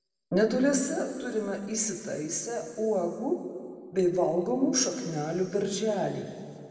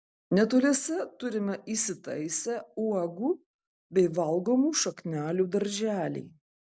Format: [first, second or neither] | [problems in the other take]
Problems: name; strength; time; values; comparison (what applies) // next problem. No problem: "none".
second | room echo; dies away in 2.1 s